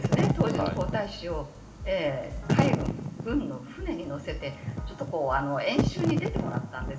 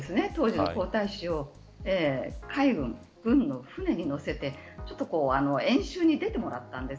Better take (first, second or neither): second